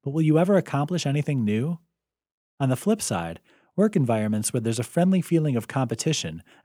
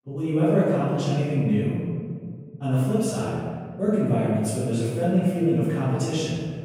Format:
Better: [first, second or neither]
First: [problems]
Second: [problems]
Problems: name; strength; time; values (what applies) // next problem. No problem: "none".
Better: first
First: none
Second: off-mic speech; far // room echo; strong; dies away in 2 s